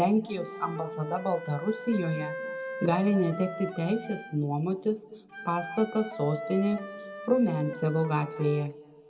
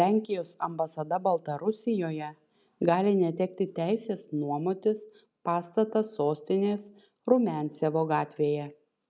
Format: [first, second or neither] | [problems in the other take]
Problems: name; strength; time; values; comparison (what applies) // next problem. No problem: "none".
second | background sound (Wind instrument, woodwind instrument); 11 dB below the speech // room echo; dies away in 1.8 s